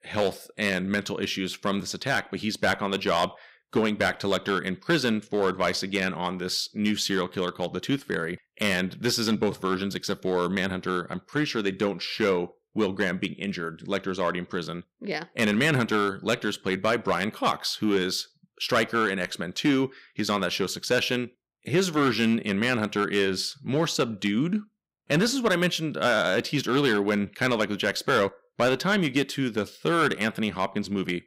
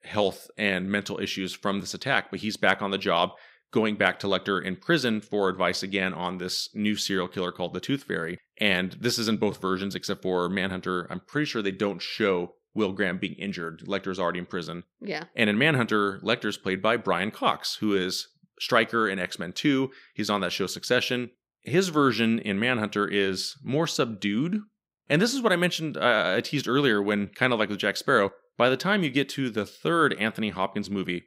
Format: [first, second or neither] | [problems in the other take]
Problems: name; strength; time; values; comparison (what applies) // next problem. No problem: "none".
second | distortion; slight; 3% of the sound clipped